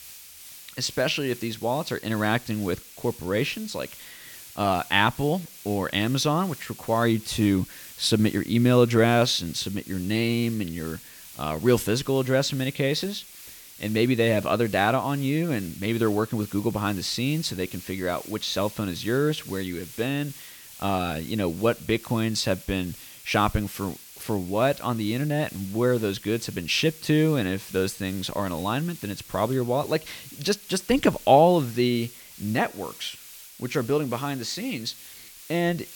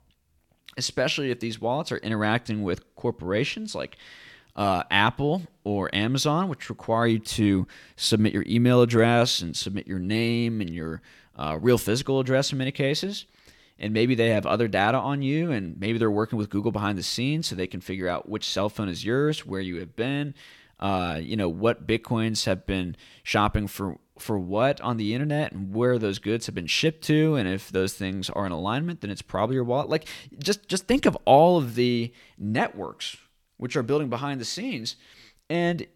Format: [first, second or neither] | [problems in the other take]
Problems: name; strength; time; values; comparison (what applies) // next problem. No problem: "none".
second | hiss; noticeable; throughout; 15 dB below the speech